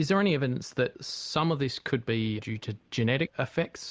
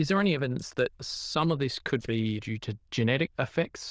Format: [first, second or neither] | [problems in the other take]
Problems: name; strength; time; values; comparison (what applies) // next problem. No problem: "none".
first | noise reduction (neural diffusion model UNIVERSE++)